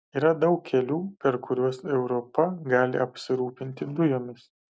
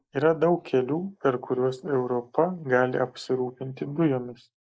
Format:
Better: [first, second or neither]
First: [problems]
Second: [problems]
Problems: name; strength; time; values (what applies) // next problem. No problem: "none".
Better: first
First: none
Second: noise reduction (neural mask model Resemble Enhance denoiser)